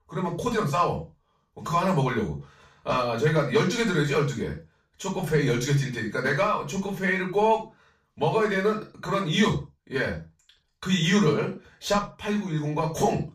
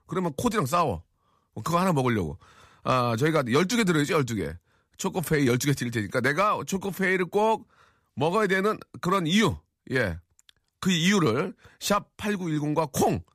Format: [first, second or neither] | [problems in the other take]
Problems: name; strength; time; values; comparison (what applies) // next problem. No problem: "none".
second | room echo; noticeable; dies away in 0.3 s // off-mic speech; far